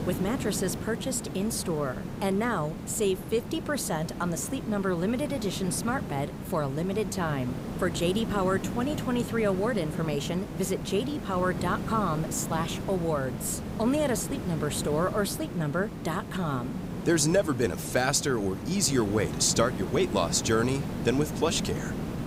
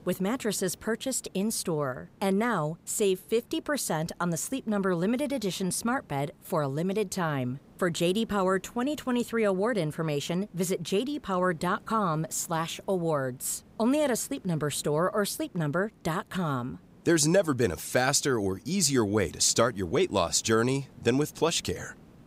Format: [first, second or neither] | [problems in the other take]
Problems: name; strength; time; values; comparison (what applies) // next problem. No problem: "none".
second | hiss; loud; throughout; 7 dB below the speech; faint in the second